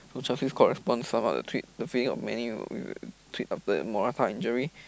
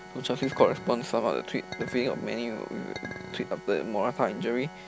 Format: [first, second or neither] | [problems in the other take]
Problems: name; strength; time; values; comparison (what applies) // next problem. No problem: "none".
first | background sound (Chink, clink + Organ); 13 dB below the speech